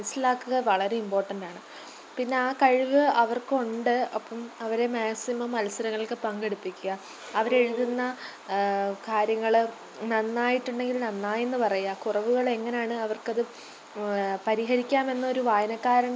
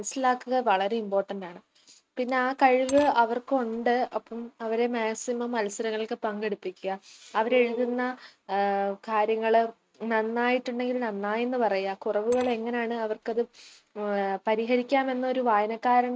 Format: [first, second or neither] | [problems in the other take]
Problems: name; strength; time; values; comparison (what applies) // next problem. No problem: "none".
first | noise reduction (neural mask model RNNoise)